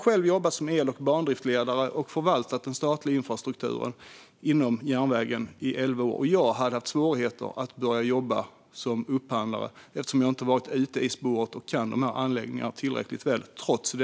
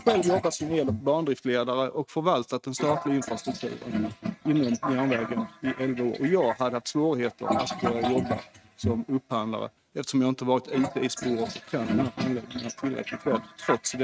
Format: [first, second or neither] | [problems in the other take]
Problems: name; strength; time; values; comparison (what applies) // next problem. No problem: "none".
first | noise reduction (neural mask model RNNoise)